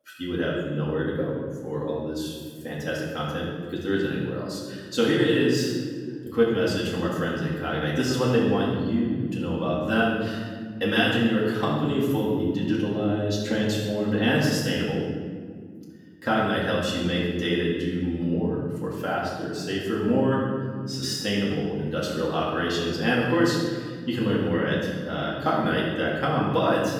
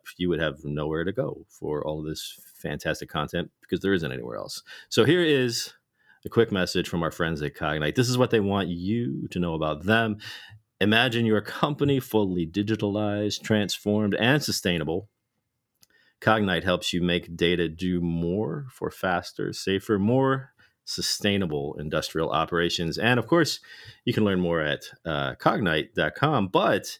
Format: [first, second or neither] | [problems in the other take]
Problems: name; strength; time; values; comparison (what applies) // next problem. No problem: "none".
second | room echo; noticeable; dies away in 1.7 s // off-mic speech; far